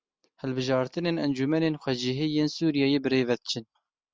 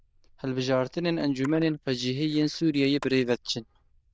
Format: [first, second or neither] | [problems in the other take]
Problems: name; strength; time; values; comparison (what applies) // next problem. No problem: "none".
first | noise reduction (neural diffusion model UNIVERSE++)